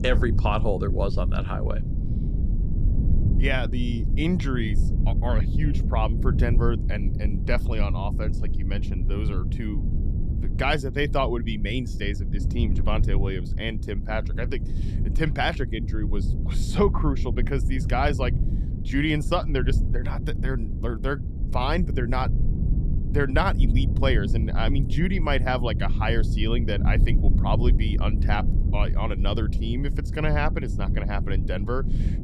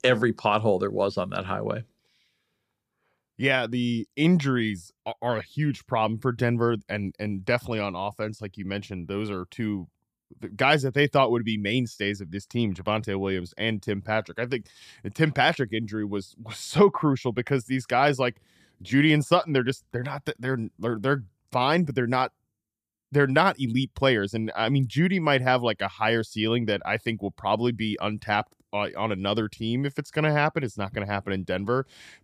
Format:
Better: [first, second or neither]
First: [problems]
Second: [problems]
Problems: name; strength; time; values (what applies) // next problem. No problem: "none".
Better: second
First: low rumble; noticeable; throughout; 10 dB below the speech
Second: none